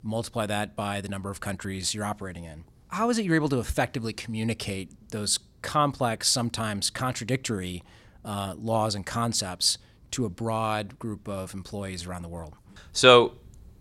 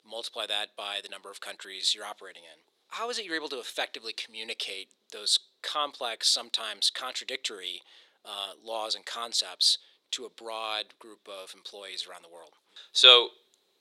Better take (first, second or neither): first